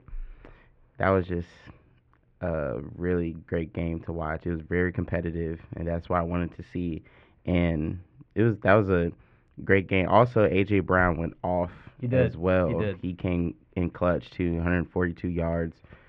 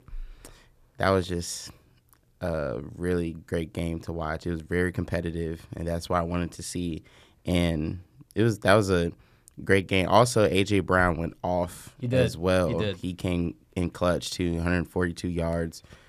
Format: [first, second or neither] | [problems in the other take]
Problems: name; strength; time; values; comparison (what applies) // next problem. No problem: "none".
second | muffled; very; fading above 2.5 kHz